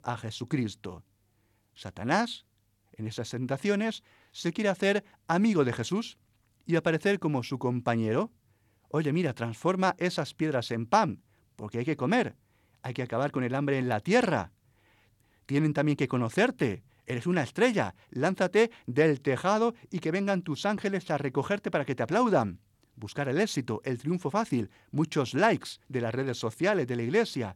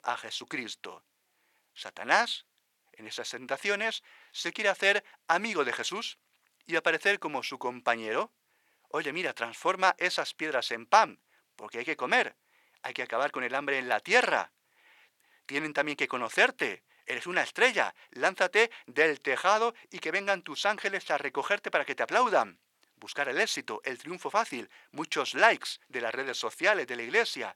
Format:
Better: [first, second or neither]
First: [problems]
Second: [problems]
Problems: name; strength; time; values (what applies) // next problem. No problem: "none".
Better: first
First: none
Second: thin; very; fading below 600 Hz